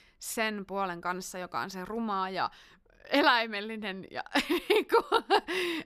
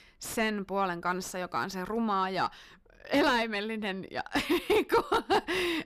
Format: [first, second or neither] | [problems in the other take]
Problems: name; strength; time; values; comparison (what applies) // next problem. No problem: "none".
first | distortion; heavy; 8 dB below the speech